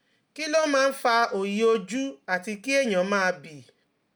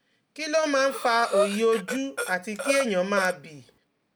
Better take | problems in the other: first | background sound (Breathing); 5 dB below the speech

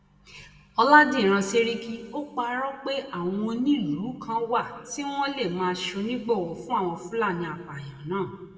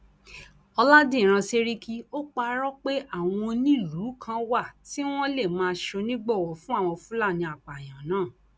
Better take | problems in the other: second | room echo; dies away in 1.4 s

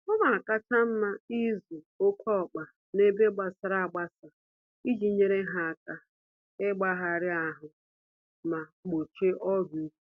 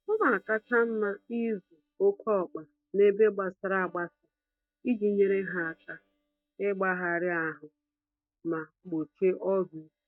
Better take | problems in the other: first | noise reduction (neural mask model DeepFilterNet 3)

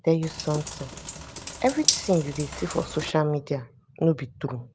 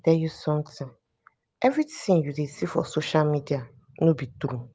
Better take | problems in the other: second | background sound (Bathtub (filling or washing)); 5 dB below the speech

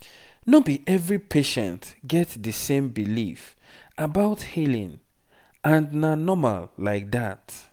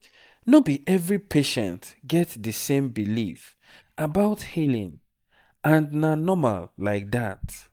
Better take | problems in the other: first | noise reduction (neural mask model DeepFilterNet 3)

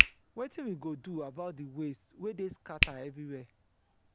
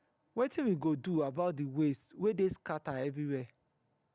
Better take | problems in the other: second | background sound (Hands); 5 dB above the speech

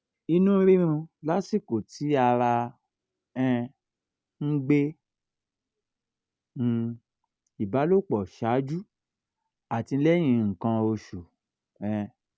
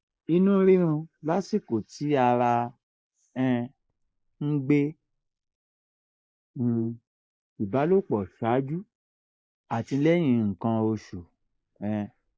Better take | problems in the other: first | noise reduction (neural mask model Resemble Enhance denoiser)

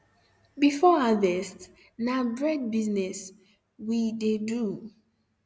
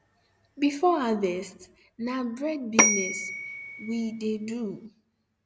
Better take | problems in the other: first | background sound (Bell / Telephone); 2 dB above the speech

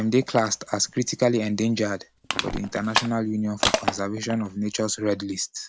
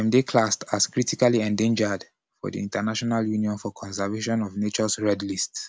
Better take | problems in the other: second | background sound (Crushing); 7 dB below the speech

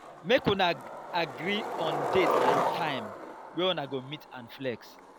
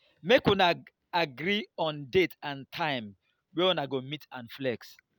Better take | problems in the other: second | background sound (Skateboard); 1 dB below the speech

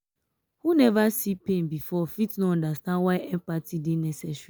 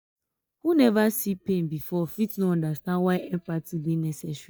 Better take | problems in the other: first | noise reduction (neural mask model DeepFilterNet 3)

